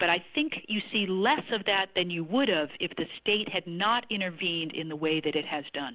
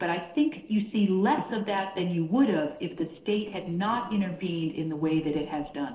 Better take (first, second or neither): first